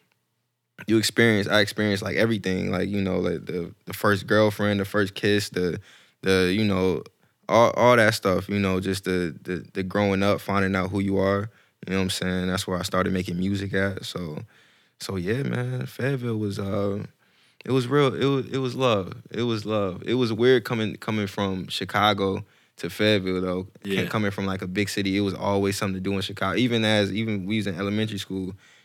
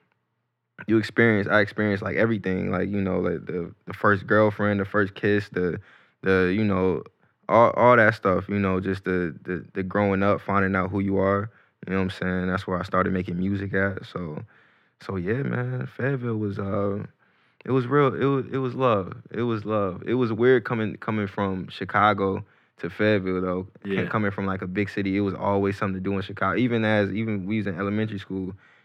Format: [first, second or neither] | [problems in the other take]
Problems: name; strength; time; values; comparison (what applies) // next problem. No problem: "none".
first | muffled; very; fading above 4 kHz